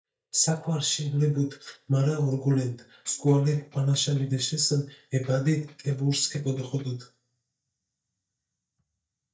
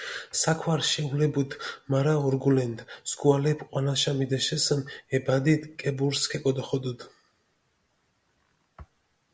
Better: second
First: noise reduction (neural mask model DeepFilterNet 3)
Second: none

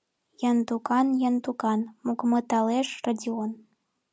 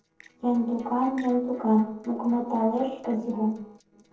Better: first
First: none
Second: noise reduction (neural separator model SepFormer DNS4)

